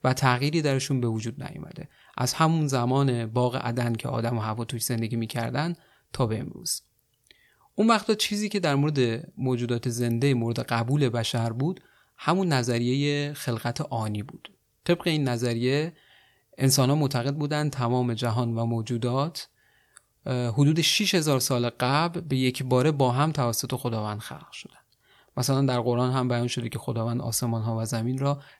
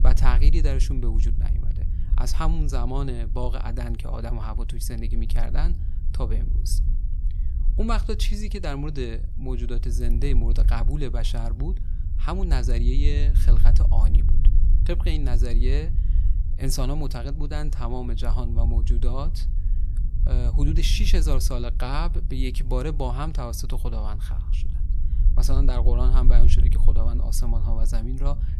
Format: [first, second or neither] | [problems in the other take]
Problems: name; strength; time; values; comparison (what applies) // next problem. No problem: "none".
first | low rumble; noticeable; throughout; 10 dB below the speech